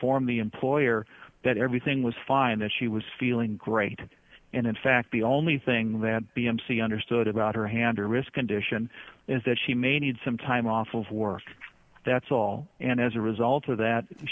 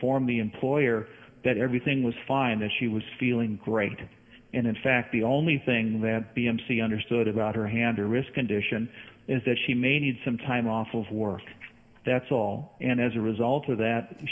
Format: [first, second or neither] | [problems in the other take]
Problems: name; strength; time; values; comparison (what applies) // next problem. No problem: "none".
first | room echo; dies away in 1.8 s